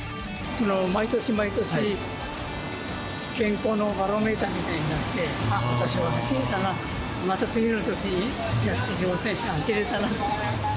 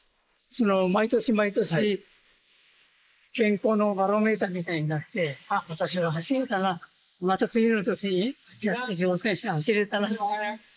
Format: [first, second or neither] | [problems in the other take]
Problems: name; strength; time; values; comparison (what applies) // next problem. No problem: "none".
first | noise reduction (neural mask model Resemble Enhance denoiser)